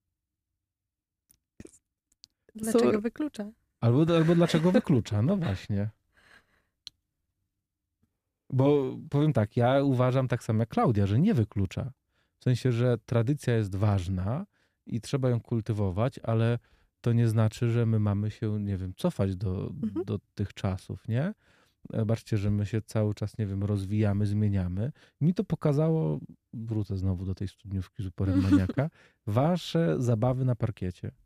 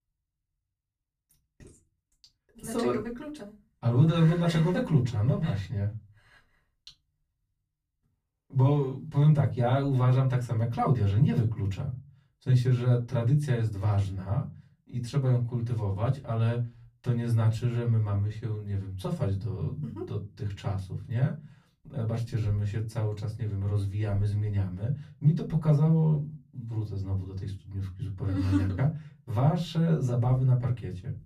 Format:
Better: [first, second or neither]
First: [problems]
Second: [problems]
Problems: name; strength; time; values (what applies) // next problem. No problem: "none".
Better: first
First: none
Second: off-mic speech; far // room echo; very slight; dies away in 0.2 s